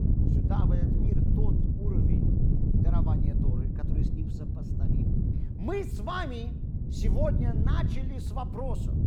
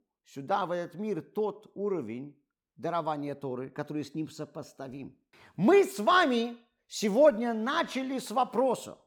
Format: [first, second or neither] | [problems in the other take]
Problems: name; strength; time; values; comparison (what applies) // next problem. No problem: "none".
second | wind noise on the microphone; heavy; 2 dB below the speech